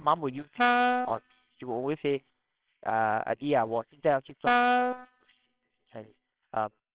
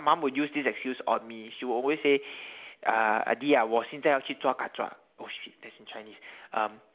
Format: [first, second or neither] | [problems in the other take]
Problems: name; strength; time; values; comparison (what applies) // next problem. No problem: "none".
second | noise reduction (neural separator model SepFormer WHAMR!)